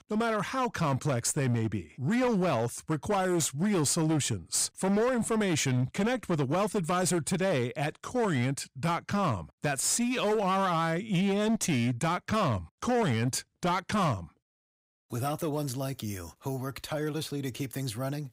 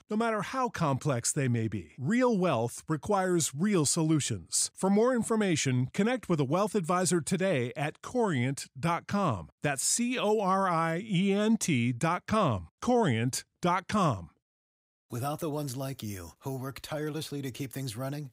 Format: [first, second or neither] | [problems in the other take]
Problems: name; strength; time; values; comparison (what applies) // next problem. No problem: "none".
second | distortion; slight; 14% of the sound clipped